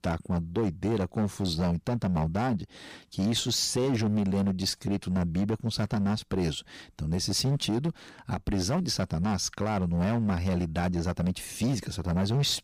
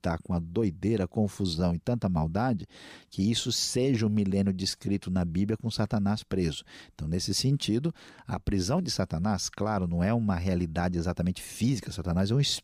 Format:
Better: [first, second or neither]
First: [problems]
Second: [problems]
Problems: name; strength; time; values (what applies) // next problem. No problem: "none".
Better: second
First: distortion; slight; 13% of the sound clipped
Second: none